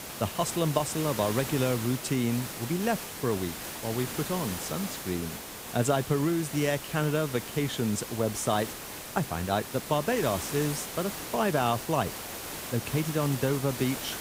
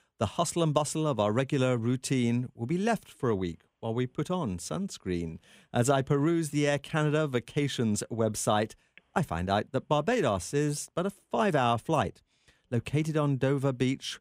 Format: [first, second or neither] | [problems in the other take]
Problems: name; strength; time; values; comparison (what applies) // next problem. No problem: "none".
second | hiss; loud; throughout; 7 dB below the speech